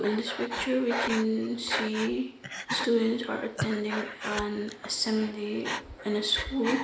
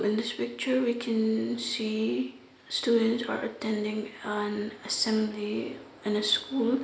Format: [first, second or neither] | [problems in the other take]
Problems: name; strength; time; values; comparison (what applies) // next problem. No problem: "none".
second | background sound (Breathing); 7 dB below the speech